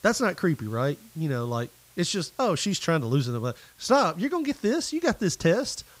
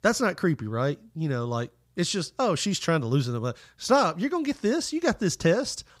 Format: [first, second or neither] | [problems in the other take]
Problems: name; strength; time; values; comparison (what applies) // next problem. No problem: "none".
second | hiss; faint; throughout; 25 dB below the speech